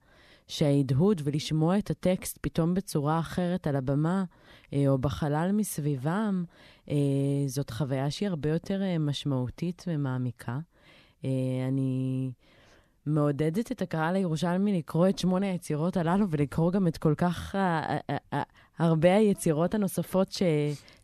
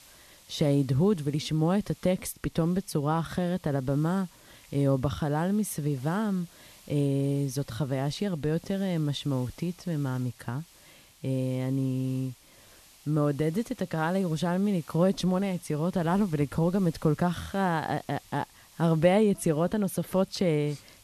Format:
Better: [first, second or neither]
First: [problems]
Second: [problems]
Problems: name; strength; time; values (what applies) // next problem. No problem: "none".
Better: first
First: none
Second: hiss; faint; throughout; 25 dB below the speech